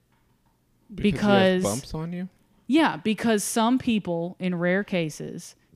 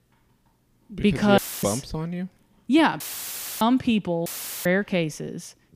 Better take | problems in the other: first | audio cutting out; filled with static; at 1.5 s, at 3 s for 0.5 s and at 4.5 s

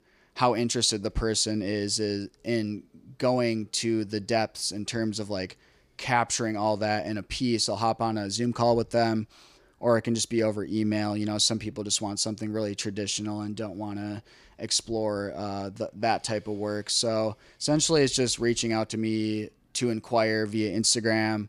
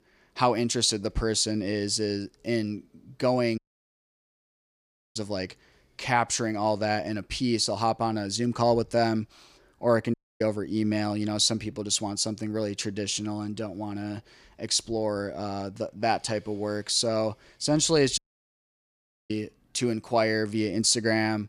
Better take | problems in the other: first | audio cutting out; at 3.5 s for 1.5 s, at 10 s and at 18 s for 1 s

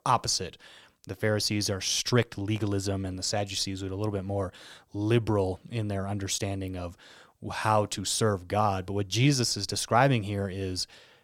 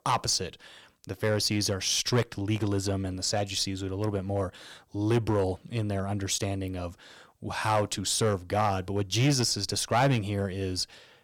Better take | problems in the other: first | distortion; slight; 2% of the sound clipped

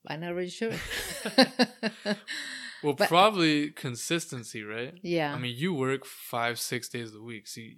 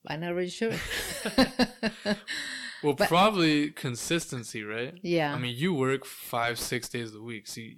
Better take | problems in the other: first | distortion; slight; 9 dB below the speech

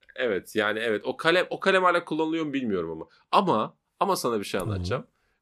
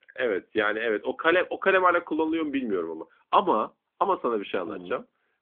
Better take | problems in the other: first | phone-call audio; nothing above 3.5 kHz

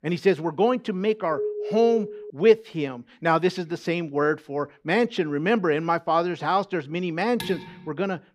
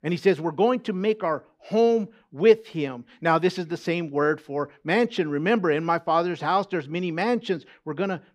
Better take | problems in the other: second | phone ringing; noticeable; at 1.5 s; peak 5 dB below the speech // clattering dishes; faint; at 7.5 s; peak 10 dB below the speech

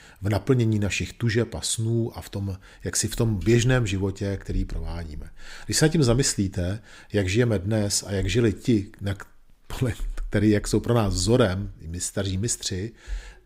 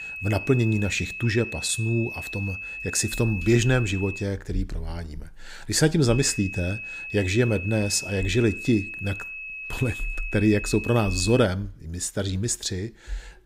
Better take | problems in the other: first | high-pitched whine; loud; until 4 s and from 6 to 11 s; 2.5 kHz, 8 dB below the speech

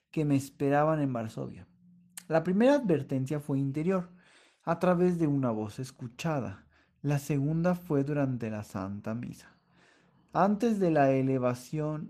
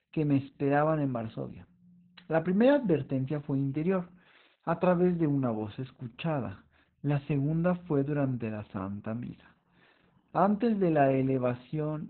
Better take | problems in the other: first | garbled, watery; badly; nothing above 4 kHz; slightly in the first

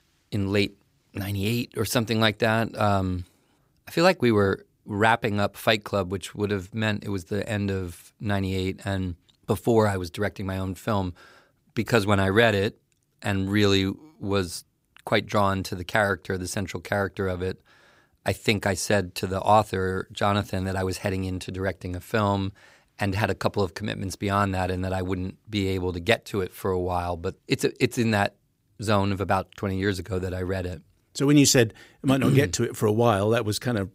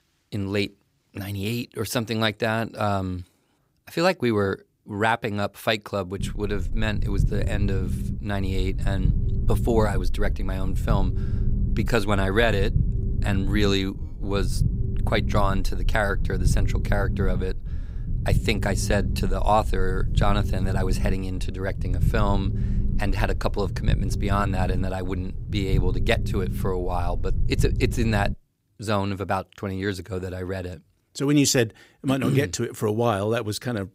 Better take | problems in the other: first | low rumble; noticeable; from 6 to 28 s; 15 dB below the speech

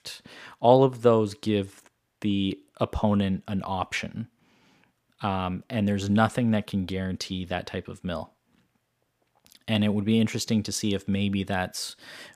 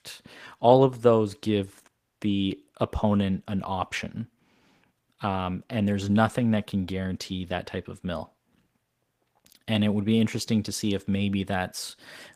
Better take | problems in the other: first | garbled, watery; slightly; nothing above 15 kHz

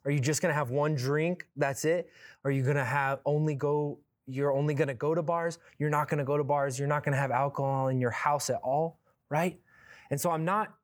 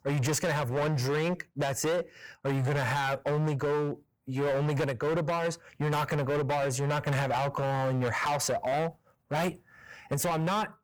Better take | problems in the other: first | distortion; heavy; 25% of the sound clipped

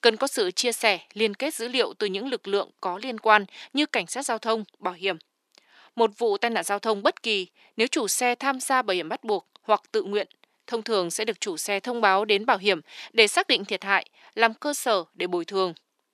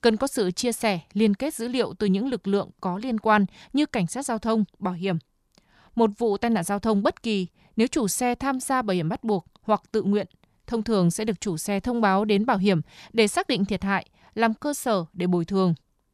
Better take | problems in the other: second | thin; somewhat; fading below 300 Hz

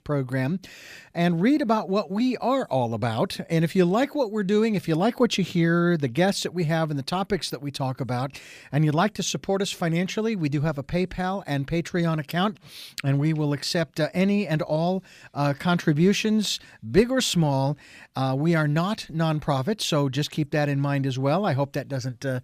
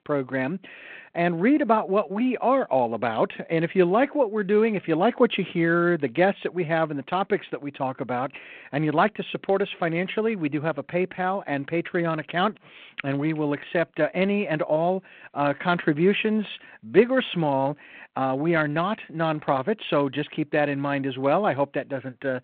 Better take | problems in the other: first | phone-call audio

